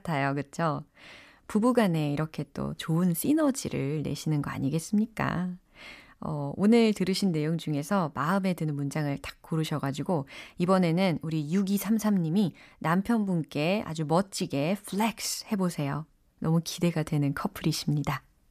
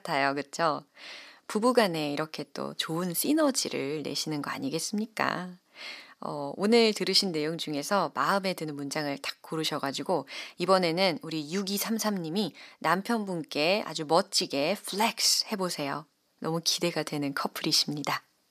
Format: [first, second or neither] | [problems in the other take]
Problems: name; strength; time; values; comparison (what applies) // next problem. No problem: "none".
first | thin; somewhat; fading below 350 Hz